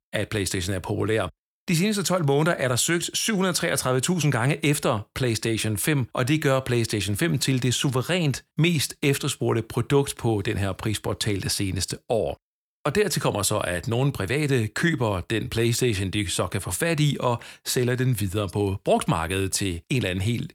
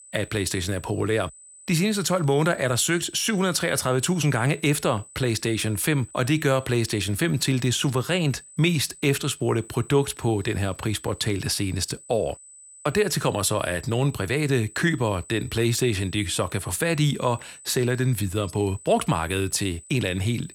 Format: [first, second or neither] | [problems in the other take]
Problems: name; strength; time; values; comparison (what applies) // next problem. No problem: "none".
first | high-pitched whine; faint; throughout; 8 kHz, 20 dB below the speech